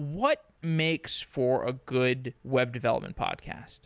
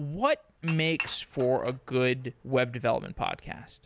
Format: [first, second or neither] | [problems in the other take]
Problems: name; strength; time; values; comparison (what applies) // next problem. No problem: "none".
first | background sound (Dishes, pots, and pans / Chink, clink); 13 dB below the speech